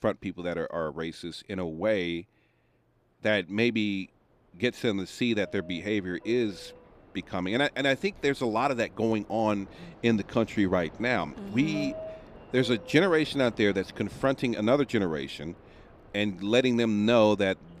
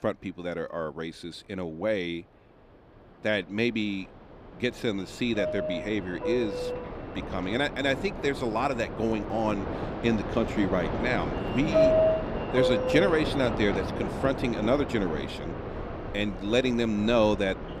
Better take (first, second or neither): first